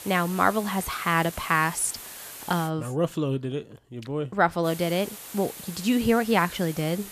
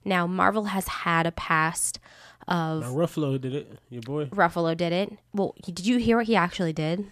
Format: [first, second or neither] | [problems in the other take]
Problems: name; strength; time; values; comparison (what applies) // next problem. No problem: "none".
second | hiss; noticeable; until 2.5 s and from 4.5 s on; 15 dB below the speech